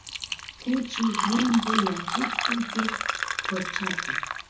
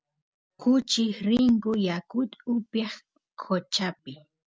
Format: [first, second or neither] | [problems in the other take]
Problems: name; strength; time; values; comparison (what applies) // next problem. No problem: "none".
second | background sound (Fill (with liquid)); 1 dB below the speech // room echo; dies away in 0.6 s